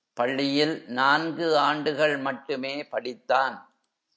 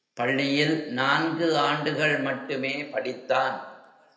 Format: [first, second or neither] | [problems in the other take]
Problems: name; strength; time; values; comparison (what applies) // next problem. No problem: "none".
first | room echo; dies away in 0.8 s